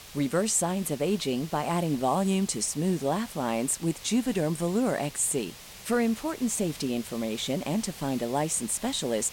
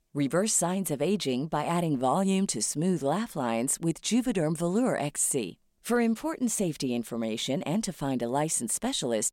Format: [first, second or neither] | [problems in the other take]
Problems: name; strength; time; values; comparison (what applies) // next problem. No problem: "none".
second | hiss; noticeable; throughout; 15 dB below the speech